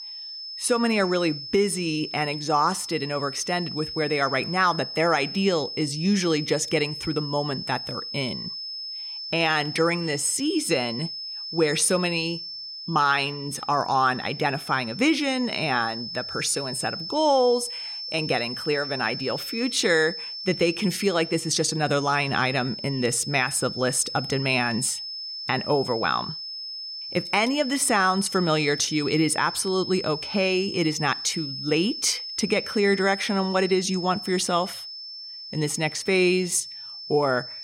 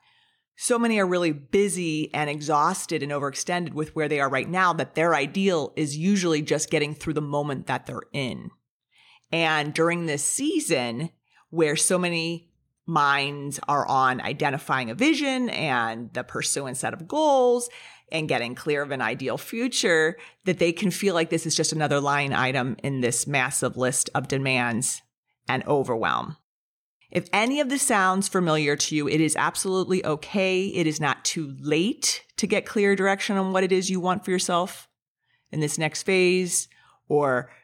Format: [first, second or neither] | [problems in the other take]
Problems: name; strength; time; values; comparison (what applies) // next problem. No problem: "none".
second | high-pitched whine; loud; throughout; 5.5 kHz, 8 dB below the speech